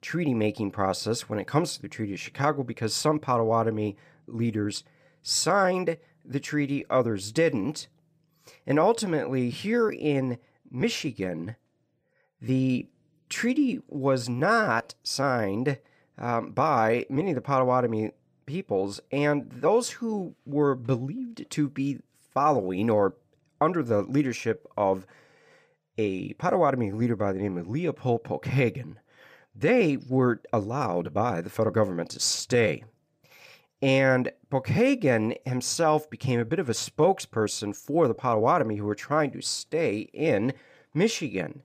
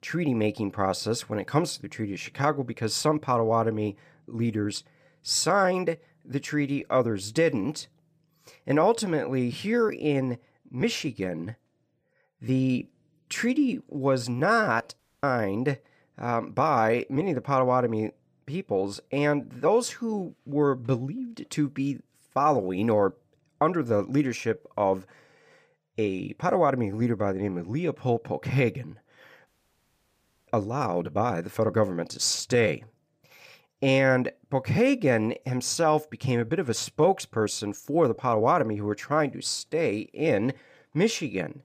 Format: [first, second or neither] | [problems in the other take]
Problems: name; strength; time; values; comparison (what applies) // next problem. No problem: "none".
first | audio cutting out; at 15 s and at 29 s for 1 s